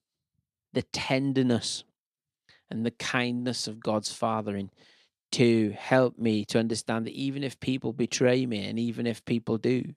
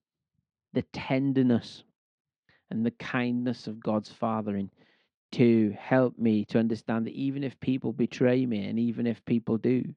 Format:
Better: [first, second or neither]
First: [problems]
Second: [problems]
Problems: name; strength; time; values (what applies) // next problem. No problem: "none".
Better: first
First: none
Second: muffled; slightly; fading above 2.5 kHz